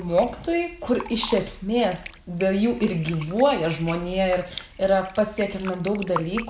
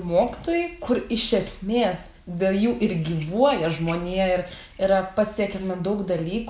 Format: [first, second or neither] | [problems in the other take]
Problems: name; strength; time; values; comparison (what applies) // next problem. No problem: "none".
second | background sound (Fill (with liquid)); 16 dB below the speech